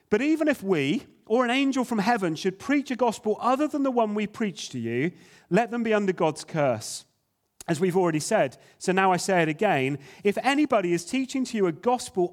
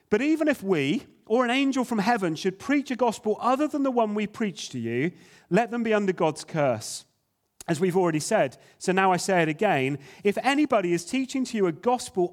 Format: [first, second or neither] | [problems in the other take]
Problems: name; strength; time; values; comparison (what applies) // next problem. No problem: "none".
neither | none